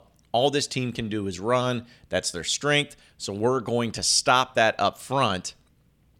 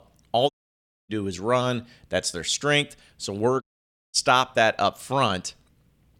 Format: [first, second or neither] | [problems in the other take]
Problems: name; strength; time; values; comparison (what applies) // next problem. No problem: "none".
first | audio cutting out; at 0.5 s for 0.5 s and at 3.5 s for 0.5 s